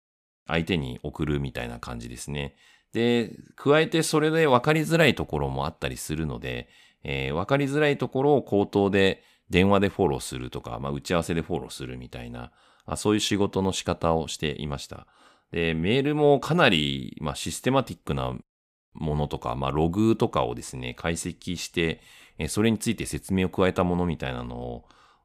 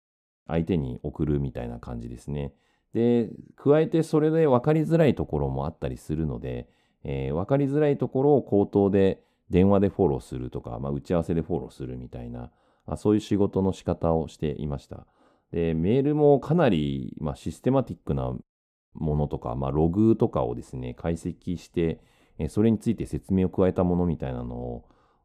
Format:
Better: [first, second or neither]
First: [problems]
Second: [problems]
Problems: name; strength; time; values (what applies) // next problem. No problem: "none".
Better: first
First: none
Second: muffled; slightly; fading above 1 kHz